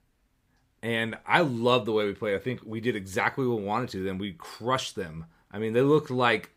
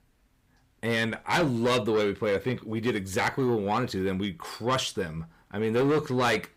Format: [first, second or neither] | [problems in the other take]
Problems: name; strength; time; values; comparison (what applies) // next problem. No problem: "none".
first | distortion; heavy; 8 dB below the speech